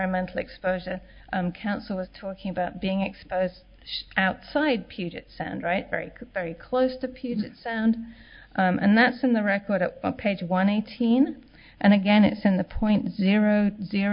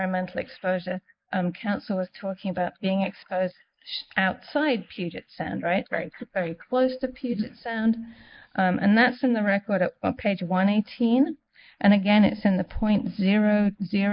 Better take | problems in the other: first | noise reduction (neural mask model Resemble Enhance denoiser)

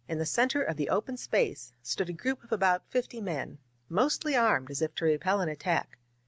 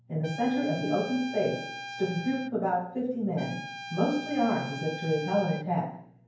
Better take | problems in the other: first | background sound (Trumpet); 11 dB below the speech // room echo; dies away in 0.9 s

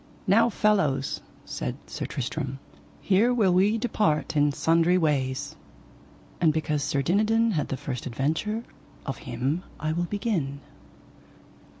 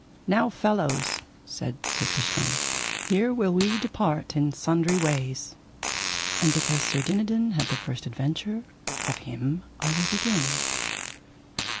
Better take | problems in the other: first | background sound (Fart); 5 dB below the speech

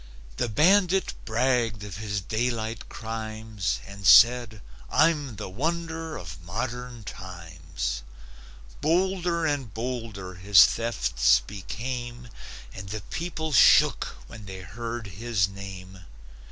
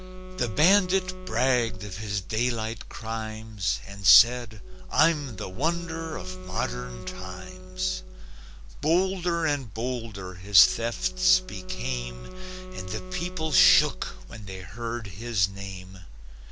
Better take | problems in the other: first | background sound (Wind instrument, woodwind instrument); 18 dB below the speech

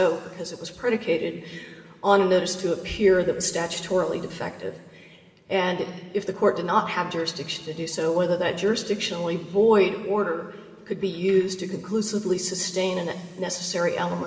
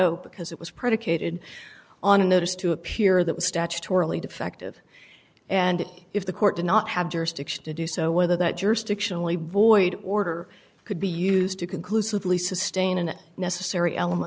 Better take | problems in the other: second | room echo; dies away in 2.8 s

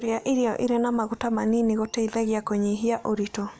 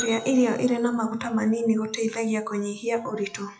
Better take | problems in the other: first | noise reduction (classical method WPE with log-MMSE)

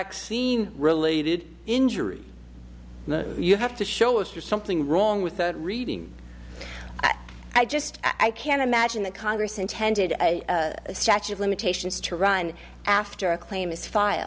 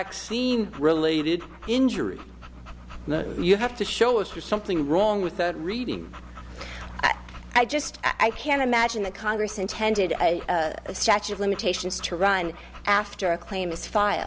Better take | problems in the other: first | background sound (Dog); 20 dB below the speech

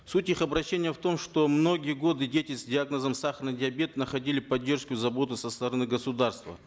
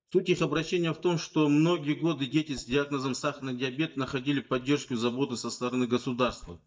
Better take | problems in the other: first | noise reduction (neural mask model DeepFilterNet 3)

